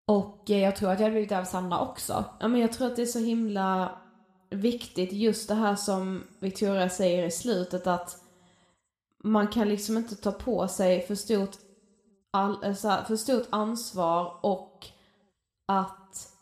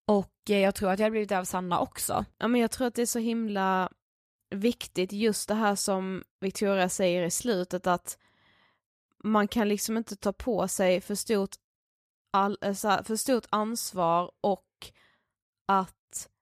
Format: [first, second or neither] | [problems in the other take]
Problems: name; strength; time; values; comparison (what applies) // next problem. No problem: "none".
second | room echo; very slight; dies away in 0.6 s